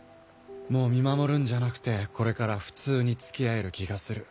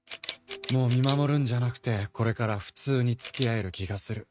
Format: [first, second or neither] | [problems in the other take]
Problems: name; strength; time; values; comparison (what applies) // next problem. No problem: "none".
first | noise reduction (neural mask model RNNoise)